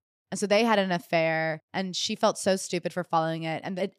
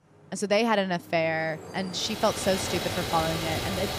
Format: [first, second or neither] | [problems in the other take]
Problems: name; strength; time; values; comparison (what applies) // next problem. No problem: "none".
first | traffic noise; loud; throughout; 4 dB below the speech